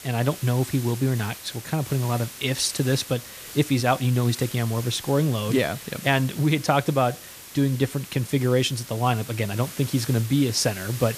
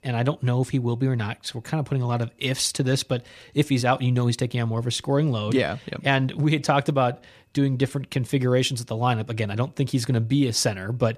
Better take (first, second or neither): second